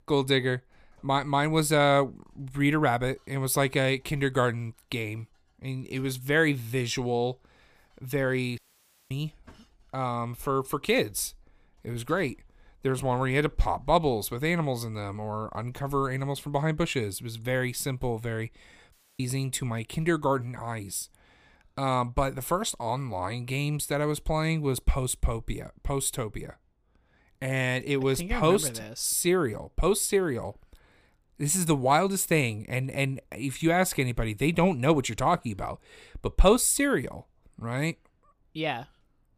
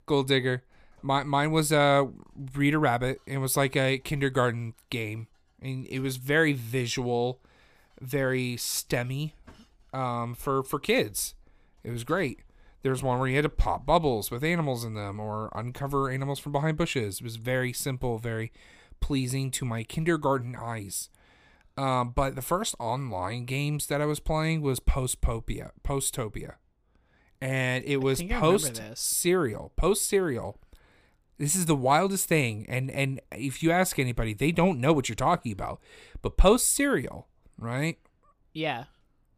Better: second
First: audio cutting out; at 8.5 s for 0.5 s and at 19 s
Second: none

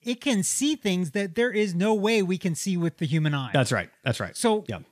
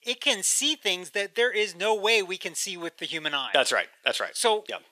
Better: first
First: none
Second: thin; very; fading below 450 Hz

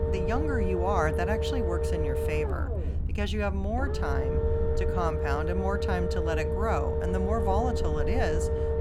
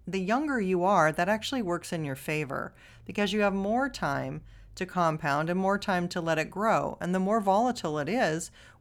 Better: second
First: low rumble; loud; throughout; as loud as the speech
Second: none

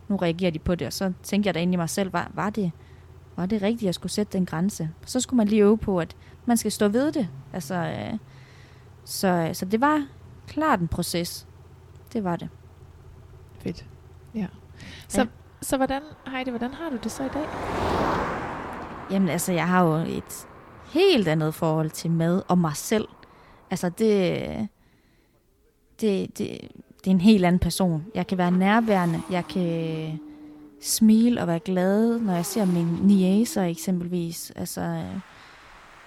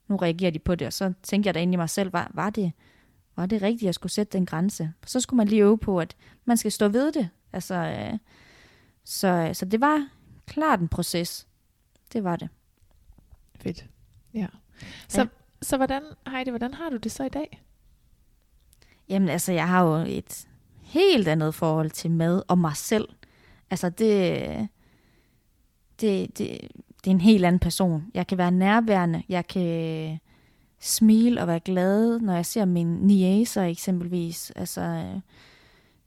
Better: second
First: traffic noise; noticeable; throughout; 15 dB below the speech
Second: none

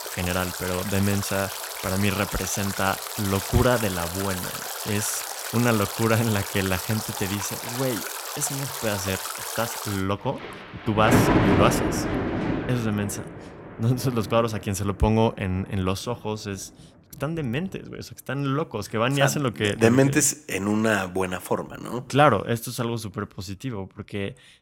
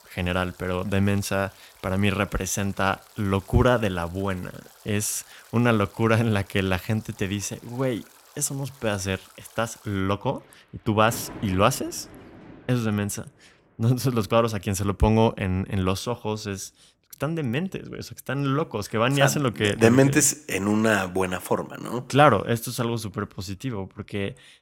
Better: second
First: rain or running water; loud; throughout; 3 dB below the speech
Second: rain or running water; faint; throughout; 25 dB below the speech

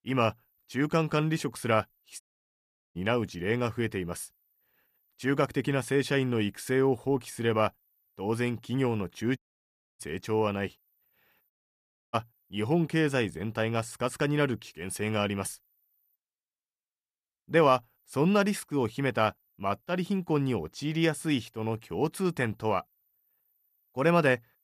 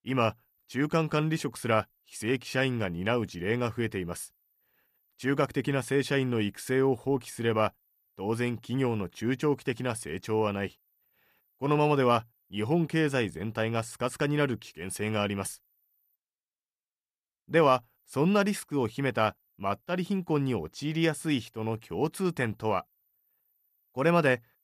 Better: second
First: audio cutting out; at 2 s for 1 s, at 9.5 s for 0.5 s and at 12 s for 0.5 s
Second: none

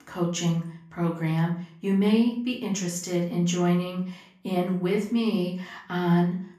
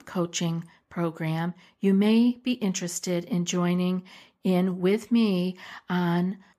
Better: second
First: room echo; slight; dies away in 0.4 s // off-mic speech; far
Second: none

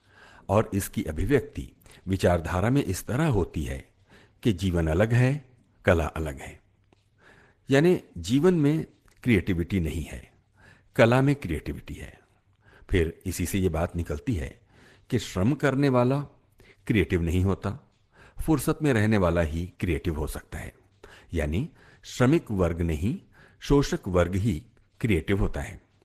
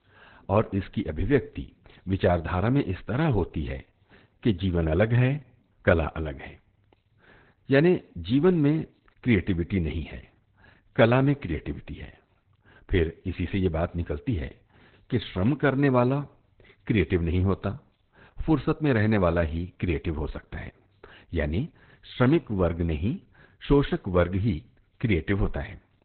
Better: first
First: garbled, watery; slightly; nothing above 14.5 kHz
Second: garbled, watery; badly; nothing above 4 kHz

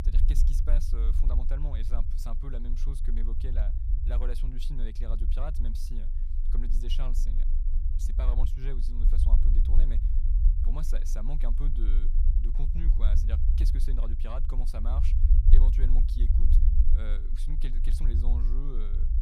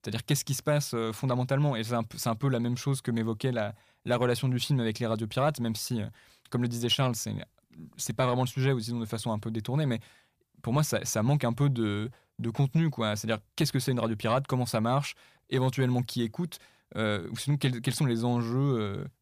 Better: second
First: low rumble; loud; throughout; 4 dB below the speech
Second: none

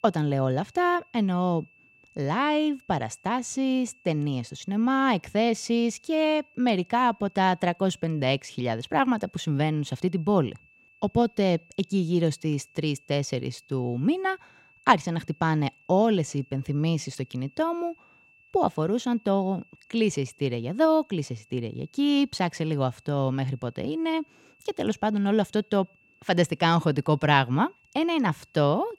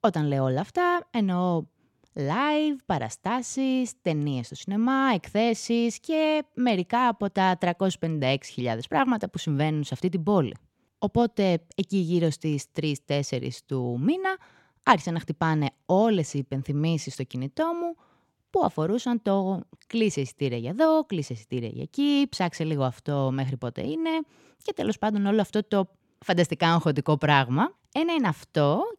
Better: second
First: high-pitched whine; faint; throughout; 2.5 kHz, 30 dB below the speech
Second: none

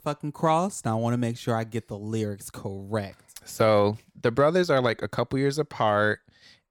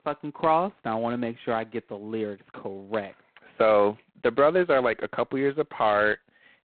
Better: first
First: none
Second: phone-call audio; poor line; nothing above 4 kHz

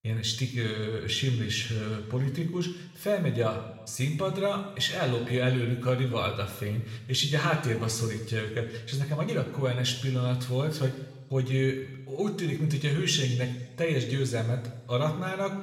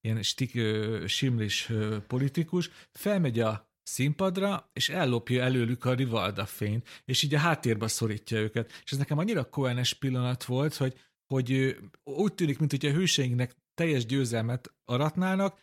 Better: second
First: room echo; slight; dies away in 1 s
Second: none

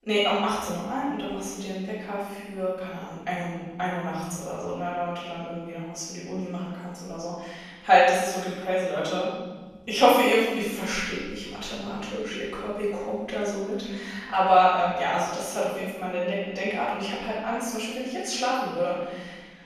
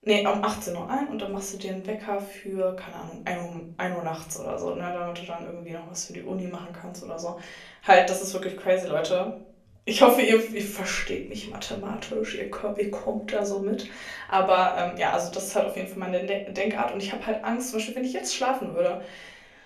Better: second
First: room echo; strong; dies away in 1.3 s // off-mic speech; far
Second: room echo; slight; dies away in 0.4 s // off-mic speech; far

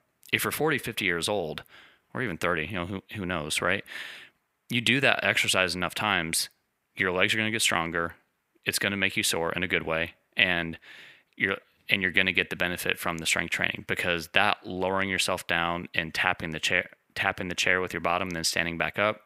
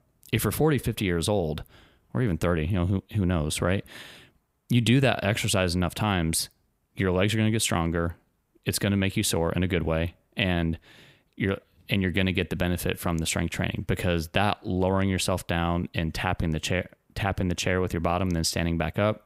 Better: second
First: thin; somewhat; fading below 400 Hz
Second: none

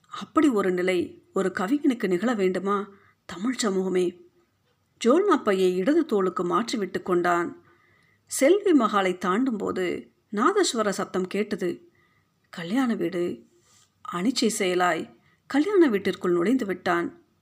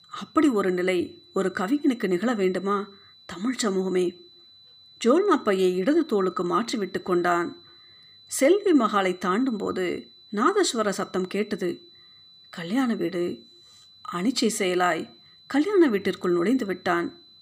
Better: first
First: none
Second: high-pitched whine; faint; throughout; 4 kHz, 25 dB below the speech

